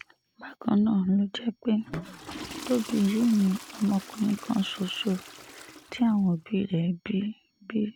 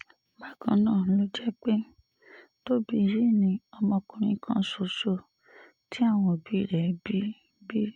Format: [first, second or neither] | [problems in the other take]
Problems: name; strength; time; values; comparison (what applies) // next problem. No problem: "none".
second | background sound (Toilet flush / Water); 17 dB below the speech